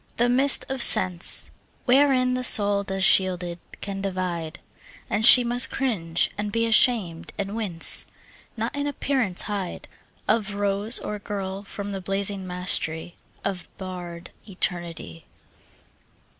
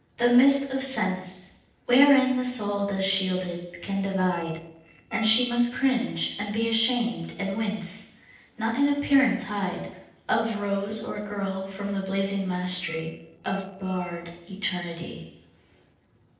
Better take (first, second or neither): first